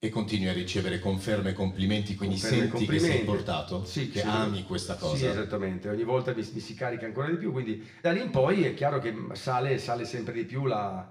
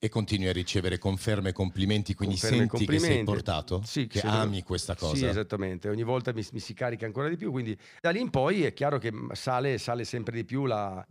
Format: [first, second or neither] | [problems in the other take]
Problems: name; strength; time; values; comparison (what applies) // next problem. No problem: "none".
second | room echo; slight; dies away in 0.7 s // off-mic speech; somewhat distant